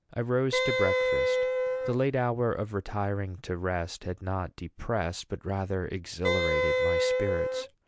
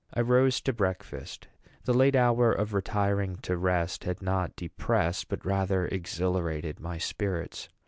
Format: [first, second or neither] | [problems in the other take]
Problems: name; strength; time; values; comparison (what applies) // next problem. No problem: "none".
second | background sound (Wind instrument, woodwind instrument); 4 dB above the speech